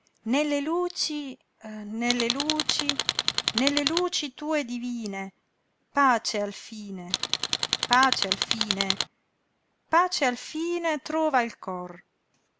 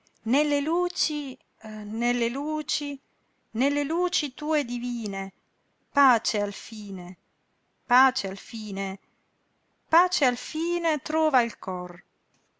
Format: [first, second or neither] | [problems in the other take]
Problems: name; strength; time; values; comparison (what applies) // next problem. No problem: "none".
second | background sound (Tools); as loud as the speech